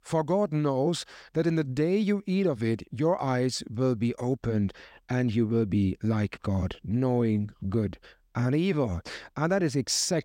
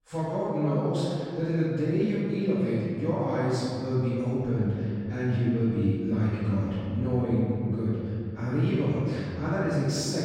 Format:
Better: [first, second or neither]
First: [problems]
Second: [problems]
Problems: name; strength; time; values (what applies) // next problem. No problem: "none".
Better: first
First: none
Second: off-mic speech; far // room echo; strong; dies away in 2.4 s